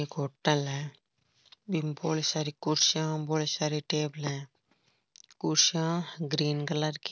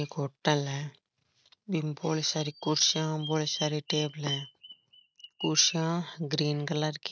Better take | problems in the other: first | noise reduction (neural mask model RNNoise)

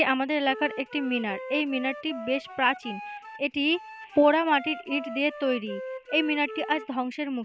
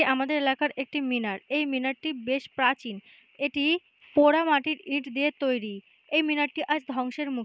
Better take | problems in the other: second | background sound (Wind instrument, woodwind instrument); 13 dB below the speech

